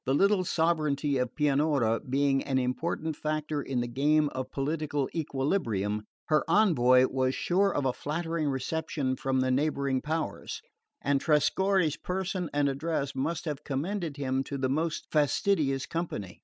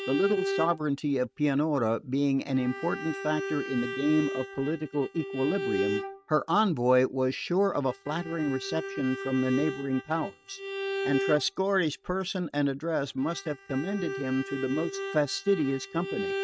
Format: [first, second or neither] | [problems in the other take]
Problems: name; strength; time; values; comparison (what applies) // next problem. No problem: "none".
first | noise reduction (neural mask model RNNoise)